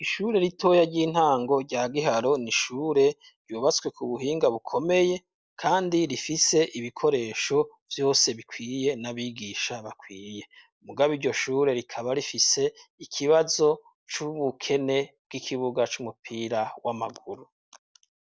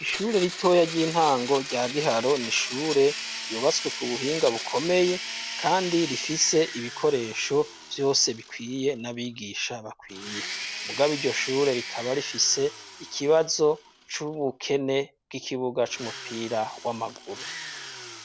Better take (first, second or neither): first